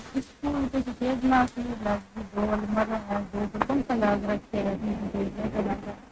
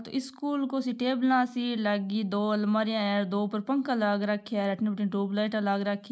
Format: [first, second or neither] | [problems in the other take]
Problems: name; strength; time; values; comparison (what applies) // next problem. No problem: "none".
second | noise reduction (neural mask model RNNoise)